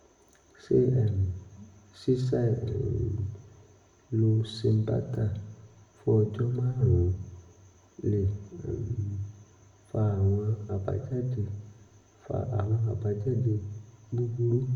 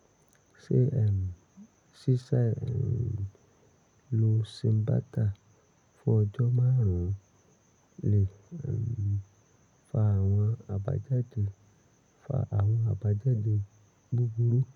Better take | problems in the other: second | room echo; dies away in 0.7 s

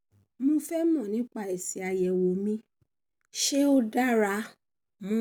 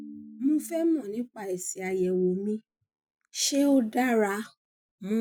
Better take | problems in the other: first | noise reduction (classical method Wiener filter)

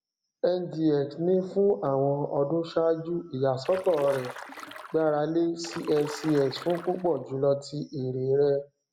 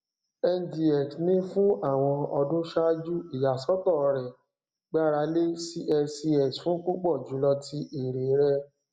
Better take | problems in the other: second | background sound (Stream); 15 dB below the speech

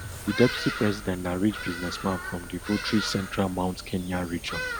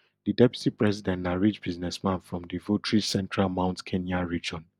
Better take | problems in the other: second | background sound (Bird vocalization, bird call, bird song); 8 dB below the speech

